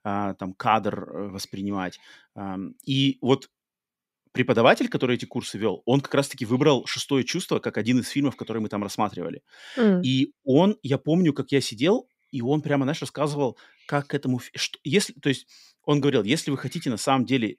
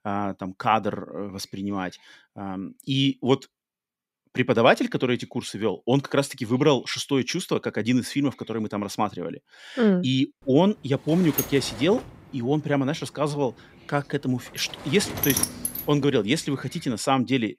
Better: first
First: none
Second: door banging; loud; from 11 to 16 s; peak 2 dB above the speech

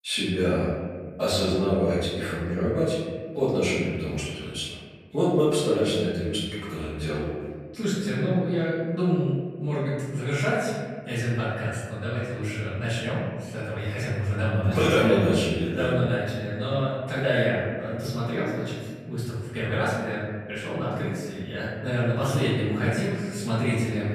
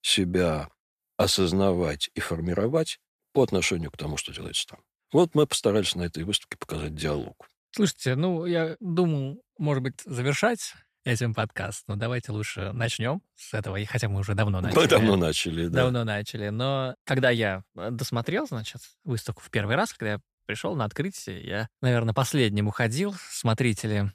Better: second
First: room echo; strong; dies away in 1.6 s // off-mic speech; far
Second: none

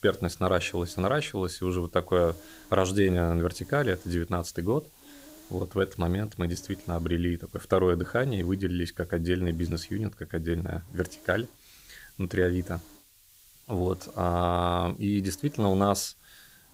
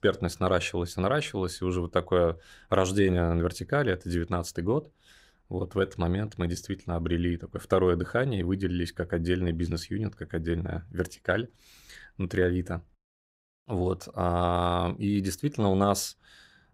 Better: second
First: hiss; faint; throughout; 25 dB below the speech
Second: none

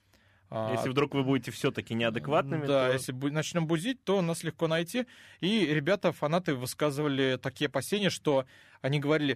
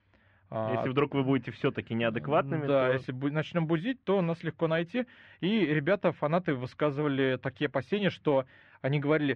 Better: first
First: none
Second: muffled; very; fading above 2.5 kHz

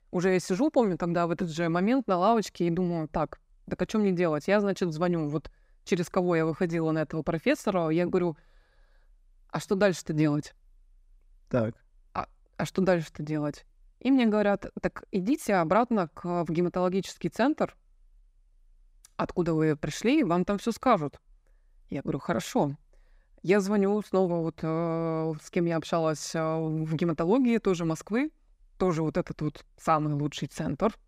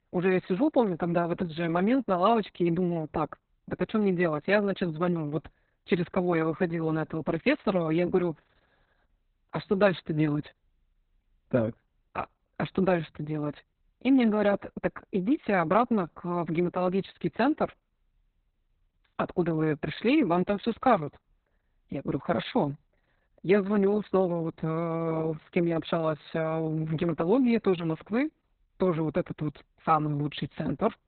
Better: first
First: none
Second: garbled, watery; badly; nothing above 4 kHz

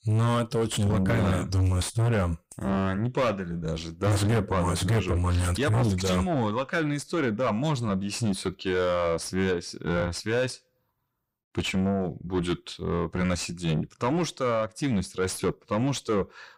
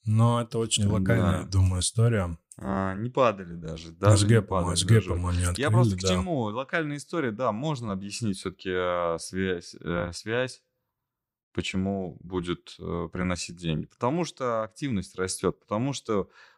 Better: second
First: distortion; heavy; 6 dB below the speech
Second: none

